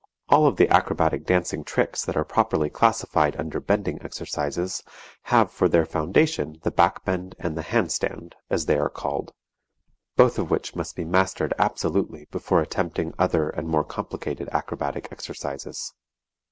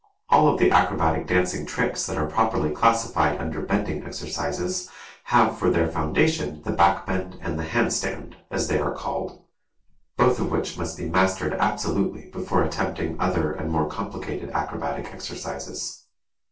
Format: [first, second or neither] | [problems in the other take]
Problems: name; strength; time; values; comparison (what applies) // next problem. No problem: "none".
first | room echo; dies away in 0.3 s